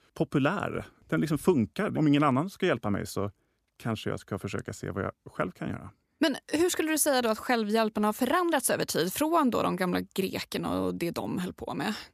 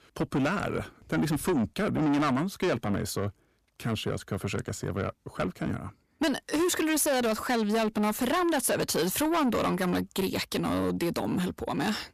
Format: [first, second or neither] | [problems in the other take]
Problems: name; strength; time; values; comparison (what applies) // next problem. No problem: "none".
first | distortion; heavy; 7 dB below the speech